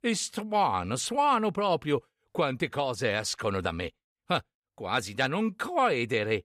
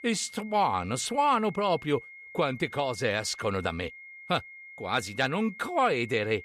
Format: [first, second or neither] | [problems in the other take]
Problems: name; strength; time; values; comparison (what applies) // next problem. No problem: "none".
first | high-pitched whine; noticeable; throughout; 2 kHz, 15 dB below the speech